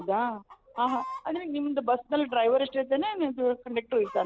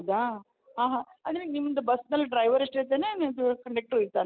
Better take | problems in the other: second | background sound (Chicken, rooster); 18 dB below the speech

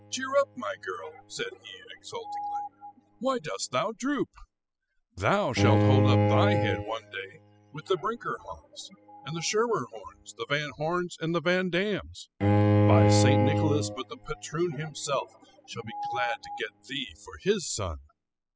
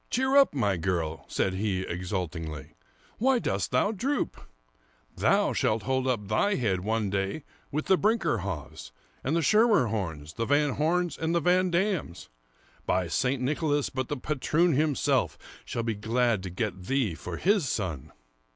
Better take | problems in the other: second | noise reduction (classical method spectral subtraction)

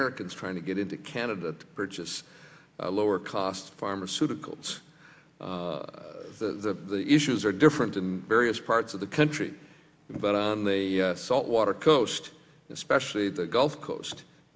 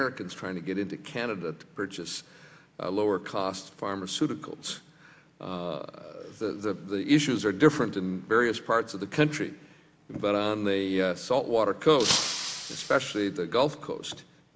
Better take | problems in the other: first | background sound (Shatter); 4 dB below the speech

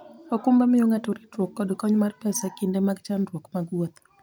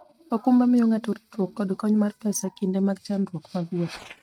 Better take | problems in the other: first | noise reduction (neural mask model RNNoise)

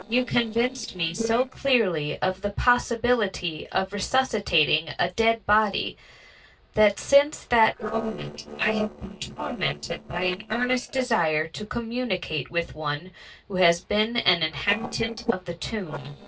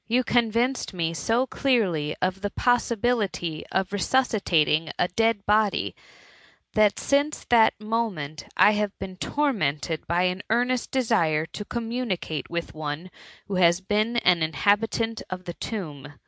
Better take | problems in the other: second | noise reduction (neural separator model SepFormer DNS4)

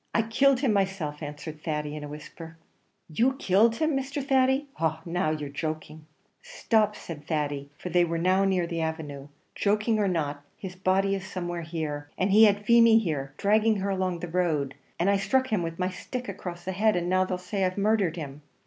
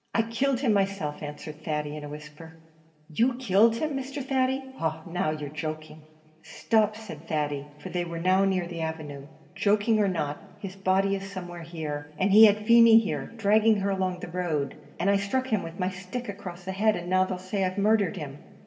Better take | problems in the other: first | room echo; dies away in 2.3 s

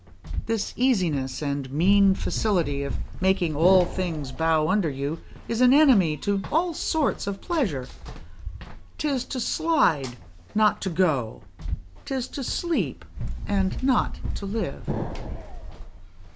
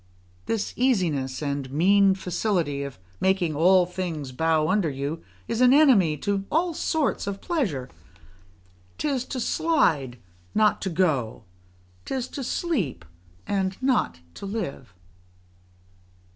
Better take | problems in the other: second | background sound (Explosion + Run); 7 dB below the speech

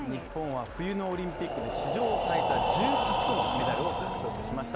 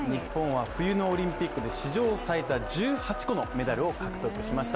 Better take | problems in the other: second | background sound (Breathing); 2 dB above the speech

